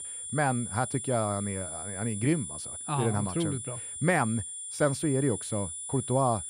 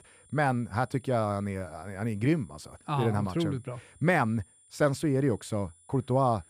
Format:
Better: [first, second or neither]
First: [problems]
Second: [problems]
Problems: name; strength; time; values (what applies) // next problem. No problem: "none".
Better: second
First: high-pitched whine; loud; throughout; 9.5 kHz, 6 dB below the speech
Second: high-pitched whine; faint; throughout; 9.5 kHz, 30 dB below the speech